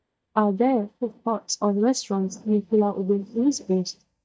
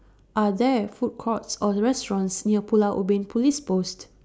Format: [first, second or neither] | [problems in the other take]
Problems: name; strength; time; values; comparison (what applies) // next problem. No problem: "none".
second | noise reduction (neural mask model DeepFilterNet 3)